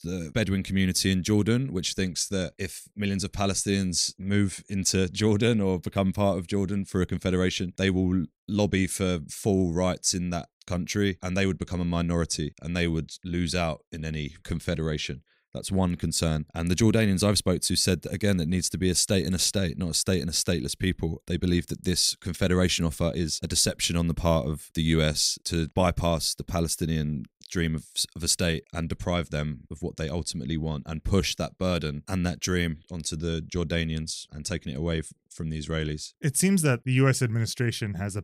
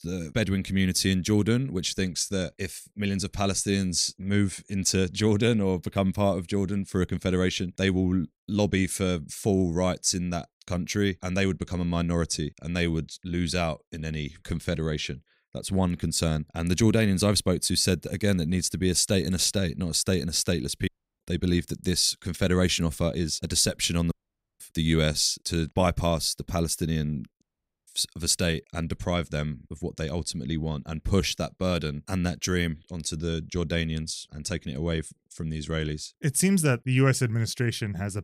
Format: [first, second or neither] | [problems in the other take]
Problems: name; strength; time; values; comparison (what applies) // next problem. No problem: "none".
first | audio cutting out; at 21 s, at 24 s and at 27 s